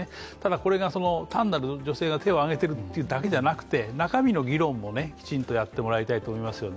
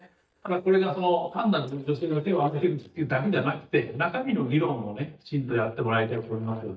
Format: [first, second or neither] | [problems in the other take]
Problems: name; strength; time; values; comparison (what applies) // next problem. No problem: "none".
first | noise reduction (neural mask model DeepFilterNet 3)